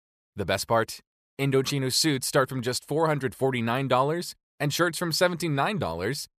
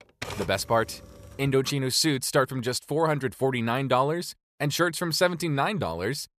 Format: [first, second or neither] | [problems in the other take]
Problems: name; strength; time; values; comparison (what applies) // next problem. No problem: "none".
first | keyboard typing; noticeable; until 1.5 s; peak 10 dB below the speech